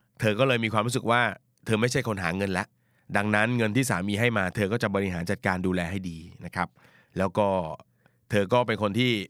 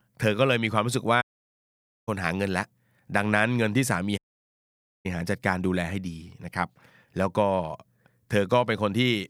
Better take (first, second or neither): first